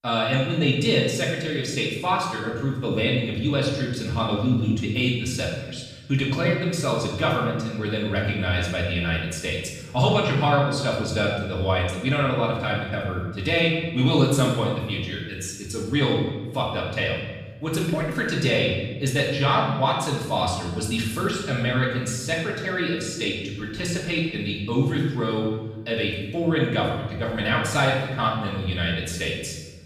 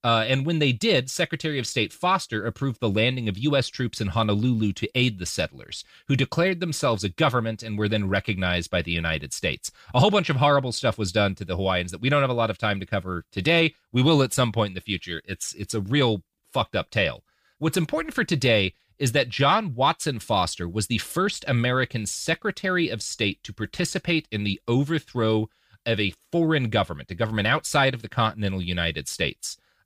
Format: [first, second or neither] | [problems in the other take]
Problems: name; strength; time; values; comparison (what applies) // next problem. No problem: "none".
second | room echo; noticeable; dies away in 1 s // off-mic speech; far